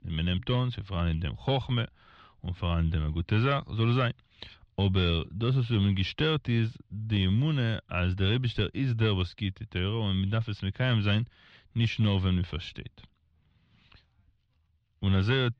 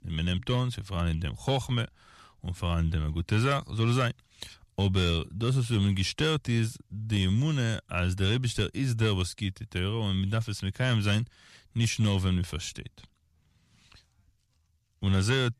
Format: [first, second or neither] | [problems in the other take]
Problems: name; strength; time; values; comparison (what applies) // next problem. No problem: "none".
second | muffled; slightly; fading above 3.5 kHz